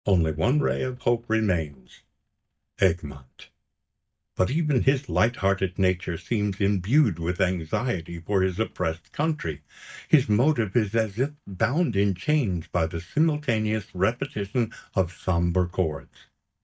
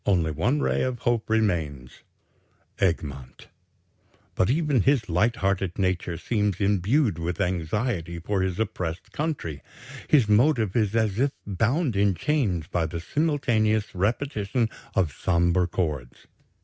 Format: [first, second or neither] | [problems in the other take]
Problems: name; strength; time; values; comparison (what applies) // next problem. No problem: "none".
second | noise reduction (neural mask model DeepFilterNet 3)